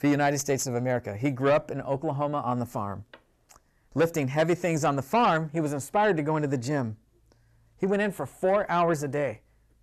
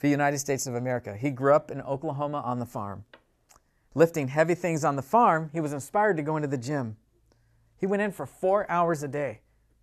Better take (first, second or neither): second